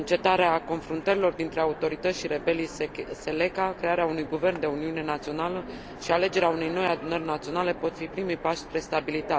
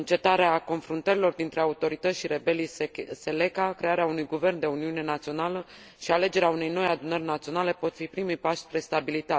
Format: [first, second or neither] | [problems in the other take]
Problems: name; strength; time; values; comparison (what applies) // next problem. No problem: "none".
second | background sound (Train); 14 dB below the speech